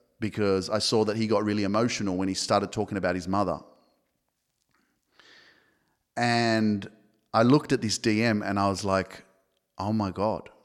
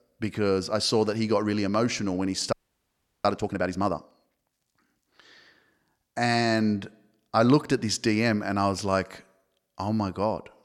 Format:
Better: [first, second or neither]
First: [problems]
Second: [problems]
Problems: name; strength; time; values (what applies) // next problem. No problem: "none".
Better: first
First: none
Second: audio freezing; at 2.5 s for 0.5 s